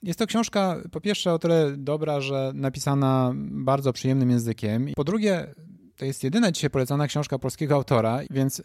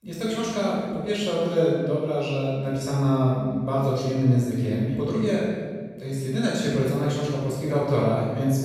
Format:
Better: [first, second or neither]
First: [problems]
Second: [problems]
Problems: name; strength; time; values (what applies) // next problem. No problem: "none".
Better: first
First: none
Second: room echo; strong; dies away in 1.4 s // off-mic speech; far